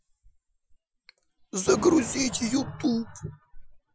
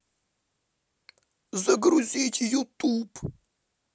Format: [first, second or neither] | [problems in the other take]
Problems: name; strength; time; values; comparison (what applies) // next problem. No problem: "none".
second | noise reduction (classical method Wiener filter)